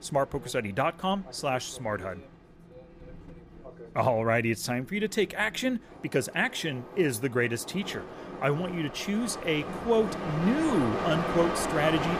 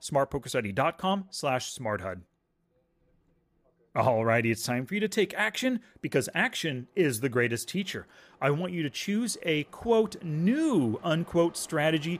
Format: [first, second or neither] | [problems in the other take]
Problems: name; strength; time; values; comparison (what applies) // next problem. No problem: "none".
second | train or aircraft noise; loud; throughout; 7 dB below the speech; faint in the second